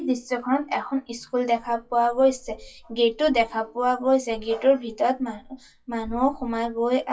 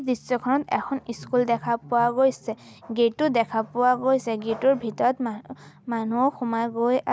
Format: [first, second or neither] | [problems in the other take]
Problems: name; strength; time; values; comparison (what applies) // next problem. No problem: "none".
second | noise reduction (classical method WPE with log-MMSE)